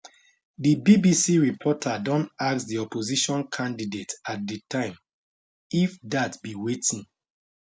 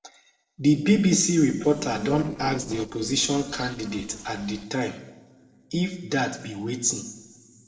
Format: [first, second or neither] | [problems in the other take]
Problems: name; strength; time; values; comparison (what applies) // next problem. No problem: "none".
first | noise reduction (neural separator model SepFormer DNS4)